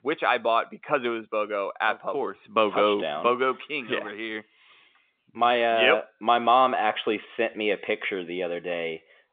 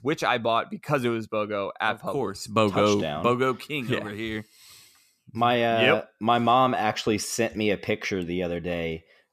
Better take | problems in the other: second | phone-call audio

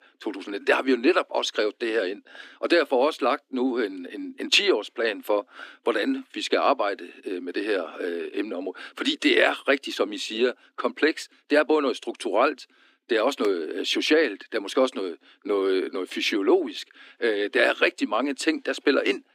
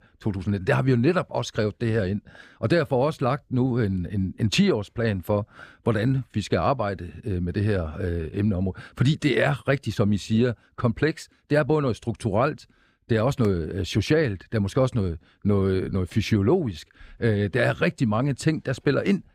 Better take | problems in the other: second | thin; somewhat; fading below 250 Hz

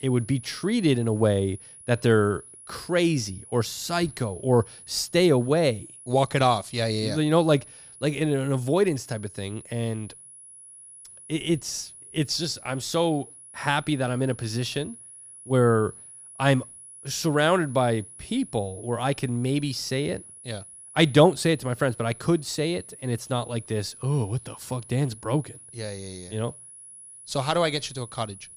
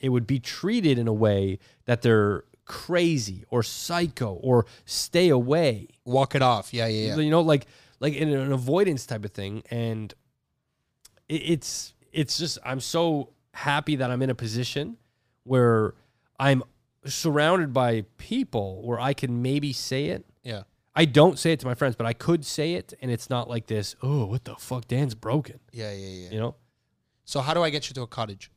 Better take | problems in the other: second | high-pitched whine; noticeable; throughout; 10.5 kHz, 20 dB below the speech

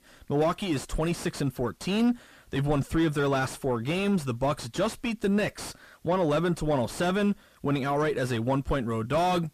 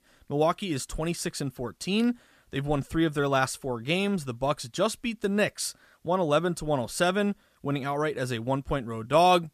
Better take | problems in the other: second | distortion; heavy; 6 dB below the speech

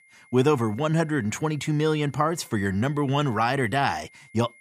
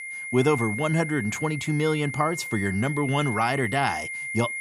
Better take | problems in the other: first | high-pitched whine; loud; throughout; 2 kHz, 6 dB below the speech; faint in the first

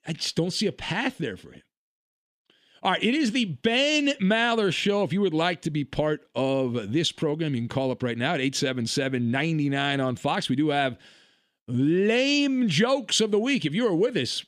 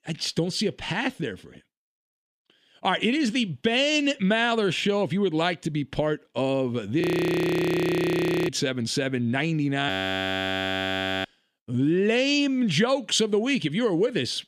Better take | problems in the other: first | audio freezing; at 7 s for 1.5 s and at 10 s for 1.5 s

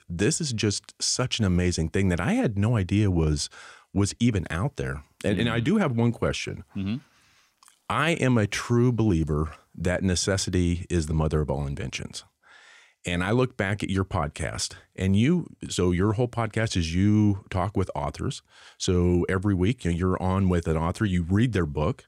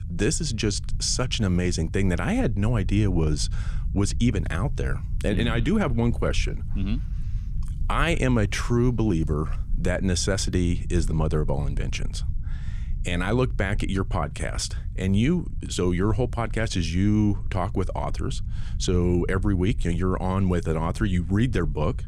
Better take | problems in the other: first | low rumble; faint; throughout; 20 dB below the speech

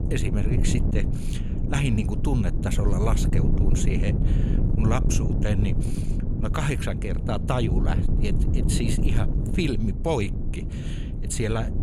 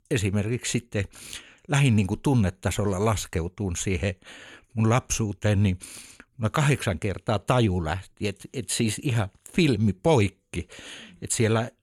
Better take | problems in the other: second | wind noise on the microphone; heavy; 5 dB below the speech

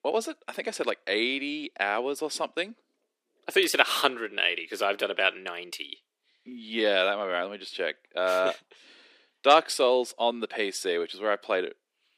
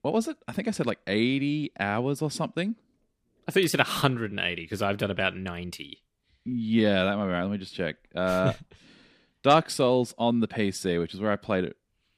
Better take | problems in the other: second | thin; somewhat; fading below 350 Hz

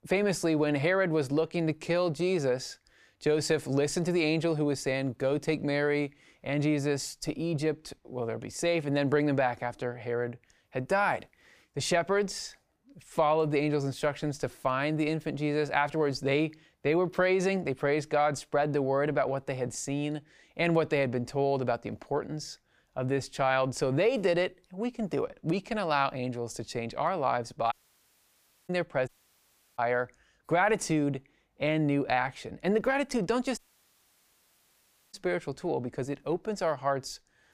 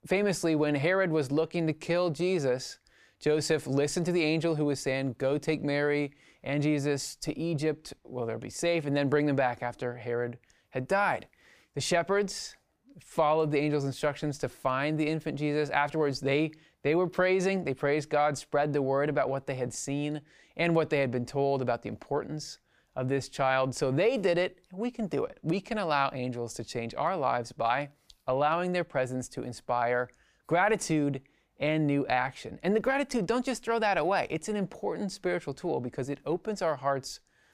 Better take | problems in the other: second | audio cutting out; at 28 s for 1 s, at 29 s for 0.5 s and at 34 s for 1.5 s

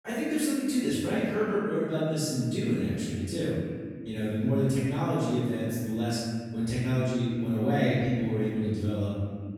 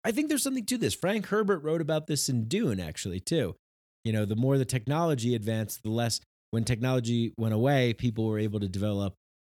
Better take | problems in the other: second | off-mic speech; far // room echo; strong; dies away in 2 s

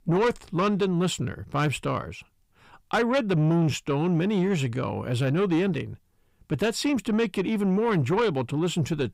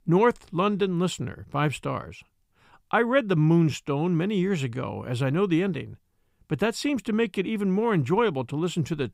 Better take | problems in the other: second | distortion; slight; 10 dB below the speech

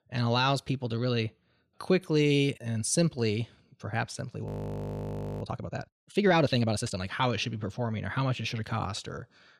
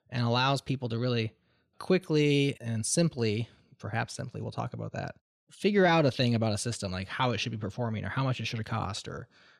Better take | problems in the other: second | audio freezing; at 4.5 s for 1 s

